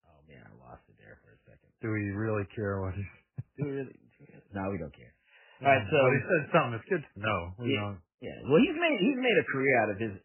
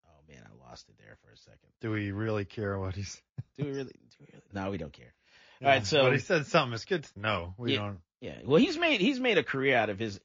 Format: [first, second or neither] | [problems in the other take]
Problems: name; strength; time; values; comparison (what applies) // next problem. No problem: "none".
second | garbled, watery; badly; nothing above 3 kHz; slightly in the second